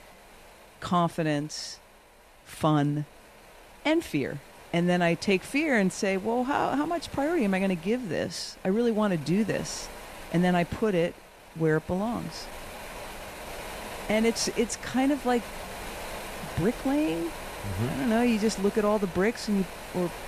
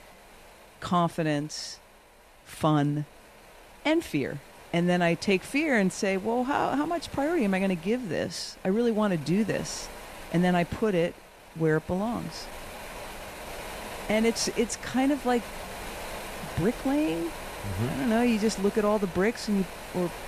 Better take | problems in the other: neither | wind noise on the microphone; occasional gusts; 10 dB below the speech; the same in both

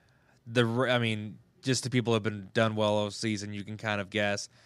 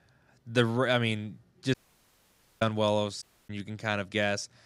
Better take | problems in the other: first | audio cutting out; at 1.5 s for 1 s and at 3 s

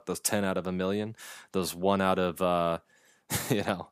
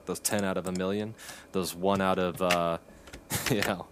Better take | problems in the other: first | keyboard typing; noticeable; peak 3 dB below the speech

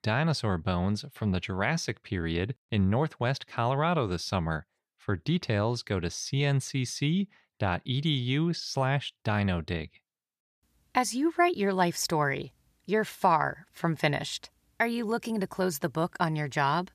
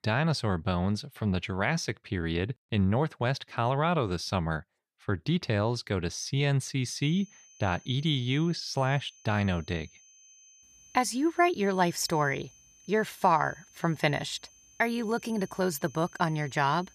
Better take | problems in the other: first | high-pitched whine; faint; from 7 s on; 6 kHz, 25 dB below the speech

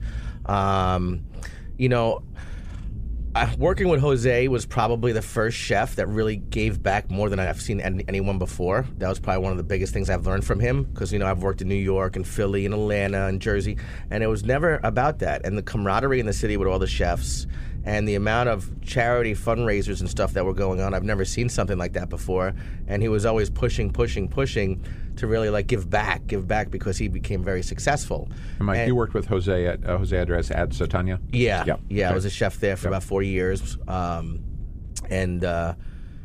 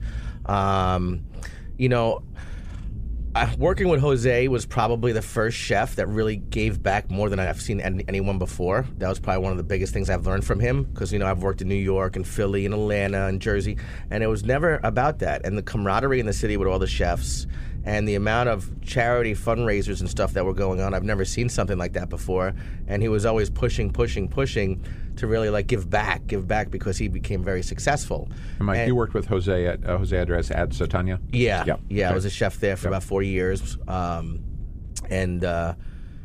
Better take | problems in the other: neither | low rumble; faint; throughout; 25 dB below the speech; the same in both

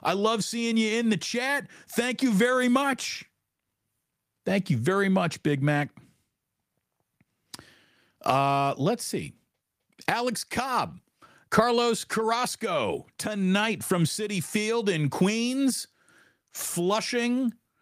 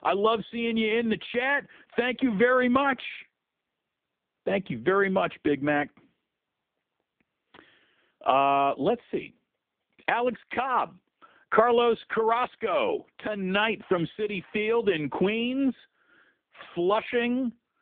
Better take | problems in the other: first | phone-call audio; poor line; nothing above 3.5 kHz

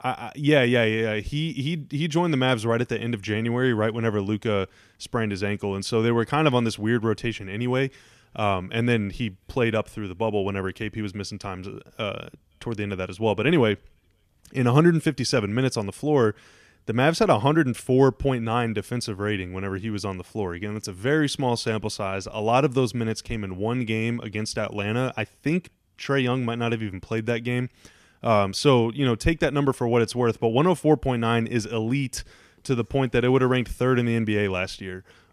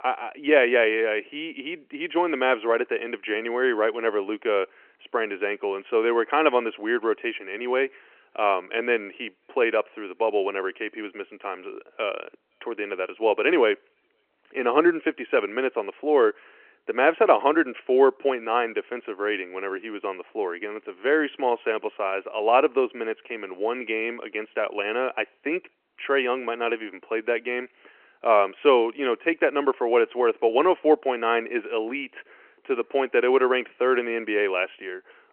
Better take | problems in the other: first | phone-call audio

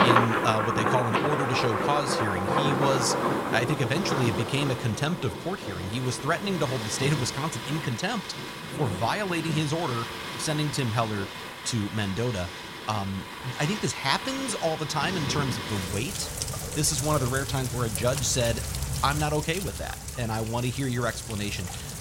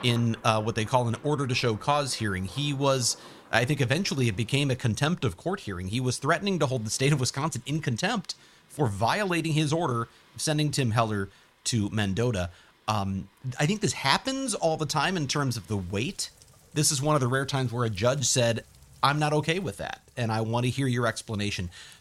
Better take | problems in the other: second | rain or running water; loud; throughout; 2 dB below the speech; faint in the second

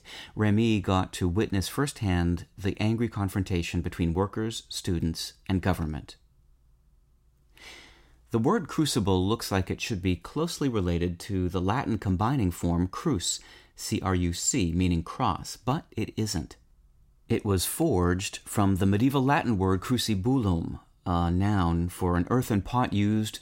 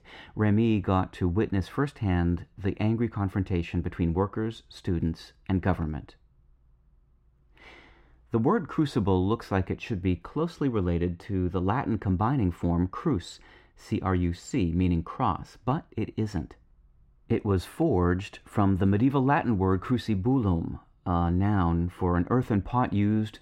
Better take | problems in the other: first | muffled; very; fading above 3.5 kHz

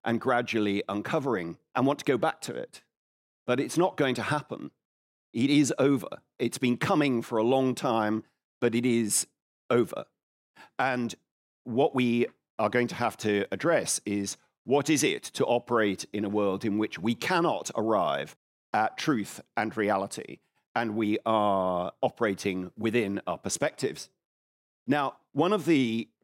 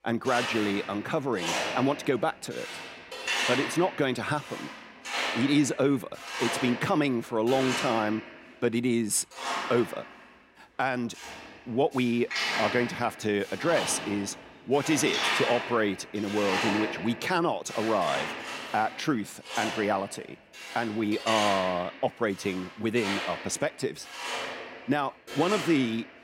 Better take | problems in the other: first | machinery noise; loud; throughout; 4 dB below the speech

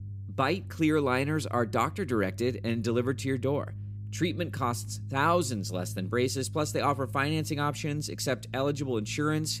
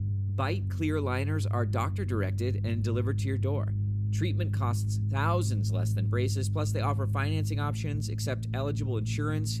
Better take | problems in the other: first | low rumble; loud; throughout; 9 dB below the speech; faint in the first

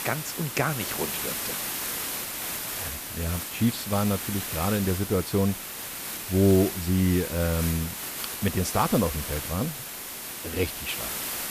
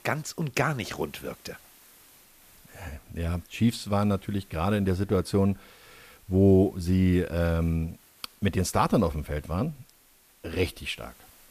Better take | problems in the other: second | hiss; loud; throughout; 4 dB below the speech; faint in the second

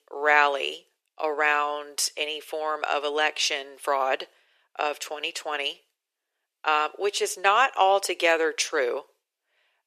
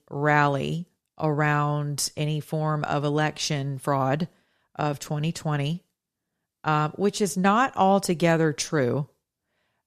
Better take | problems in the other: second | thin; very; fading below 400 Hz

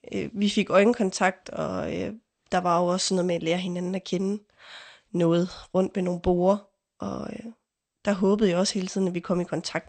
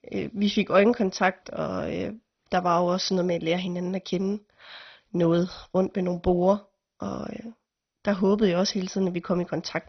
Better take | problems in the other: first | garbled, watery; badly; nothing above 6 kHz; slightly in the first

